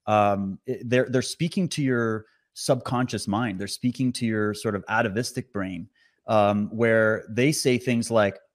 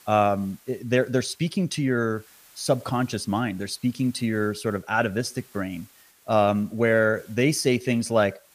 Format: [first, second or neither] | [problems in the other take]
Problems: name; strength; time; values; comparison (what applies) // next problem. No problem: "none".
first | hiss; faint; throughout; 30 dB below the speech